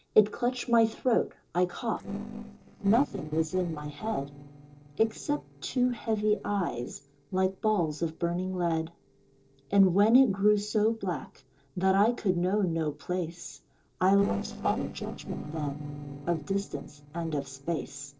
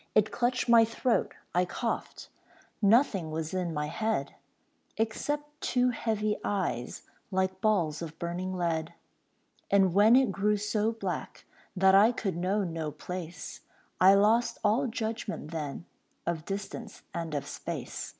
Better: second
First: noise reduction (neural separator model SepFormer DNS4)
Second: none

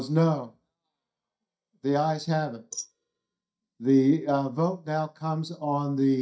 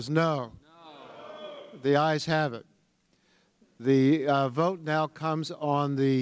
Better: second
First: noise reduction (neural mask model DeepFilterNet 3)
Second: none

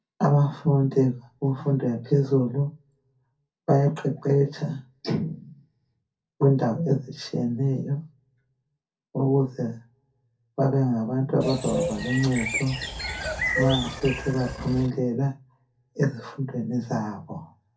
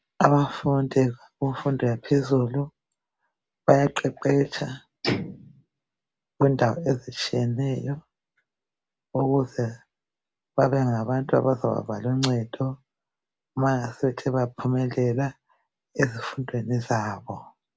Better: second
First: background sound (Bird); 5 dB below the speech // room echo; dies away in 0.3 s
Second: none

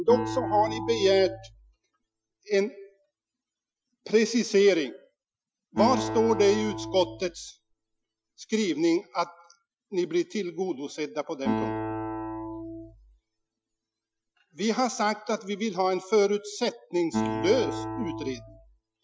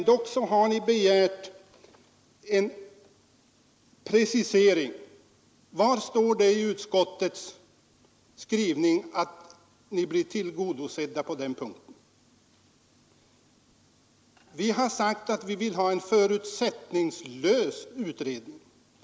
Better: second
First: noise reduction (classical method Wiener filter)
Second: none

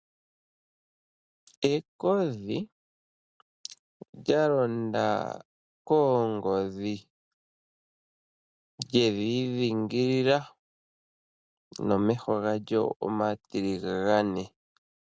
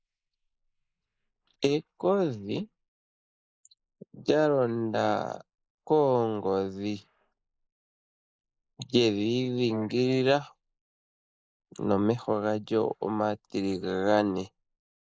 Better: first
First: none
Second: noise reduction (neural mask model Resemble Enhance denoiser)

